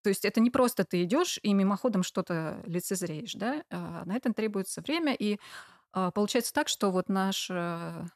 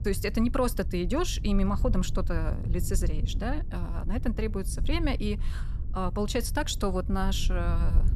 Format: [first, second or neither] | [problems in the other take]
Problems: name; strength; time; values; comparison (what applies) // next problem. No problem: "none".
first | low rumble; noticeable; throughout; 15 dB below the speech